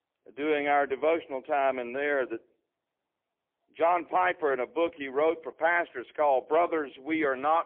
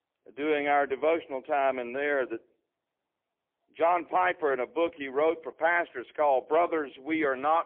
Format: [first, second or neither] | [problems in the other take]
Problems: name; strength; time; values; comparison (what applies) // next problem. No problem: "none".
neither | phone-call audio; poor line; nothing above 3.5 kHz; the same in both